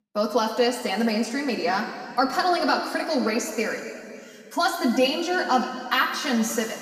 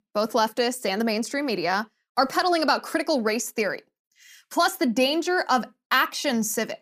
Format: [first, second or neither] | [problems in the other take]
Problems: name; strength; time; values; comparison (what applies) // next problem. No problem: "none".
second | room echo; noticeable; dies away in 2.3 s // off-mic speech; somewhat distant